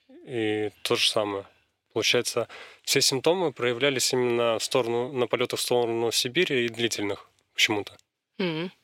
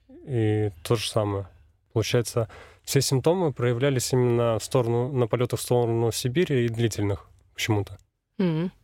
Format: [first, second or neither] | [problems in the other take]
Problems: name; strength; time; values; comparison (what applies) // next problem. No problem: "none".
second | thin; somewhat; fading below 250 Hz